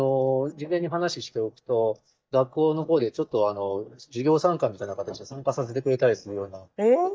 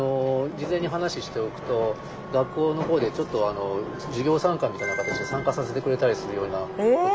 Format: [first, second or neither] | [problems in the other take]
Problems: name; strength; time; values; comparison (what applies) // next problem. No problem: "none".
second | noise reduction (neural mask model DeepFilterNet 3)